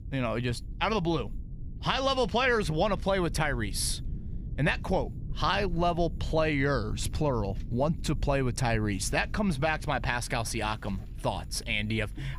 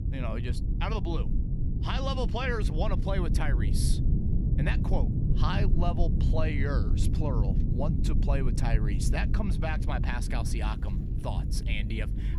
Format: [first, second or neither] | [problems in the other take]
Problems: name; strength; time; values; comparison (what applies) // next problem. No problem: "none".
first | low rumble; loud; throughout; 6 dB below the speech; faint in the first